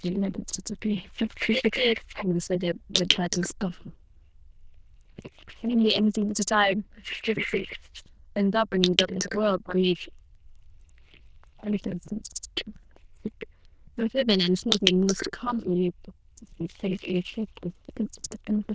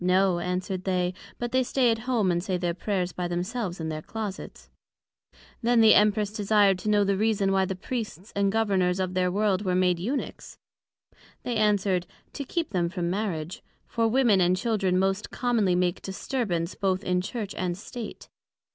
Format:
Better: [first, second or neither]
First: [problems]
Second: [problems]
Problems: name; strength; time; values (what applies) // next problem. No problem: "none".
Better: second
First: noise reduction (neural diffusion model UNIVERSE++)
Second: none